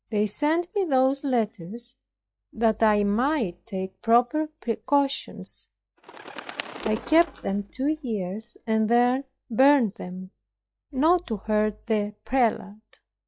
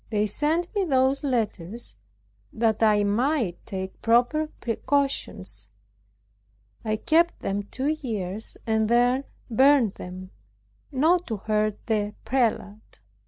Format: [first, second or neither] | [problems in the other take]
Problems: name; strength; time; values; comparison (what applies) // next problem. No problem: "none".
second | noise reduction (classical method log-MMSE)